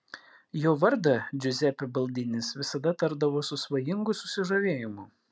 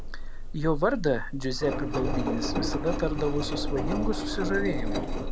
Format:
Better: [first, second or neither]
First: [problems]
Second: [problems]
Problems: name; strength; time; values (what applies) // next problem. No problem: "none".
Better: first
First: none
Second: background sound (Engine); 1 dB above the speech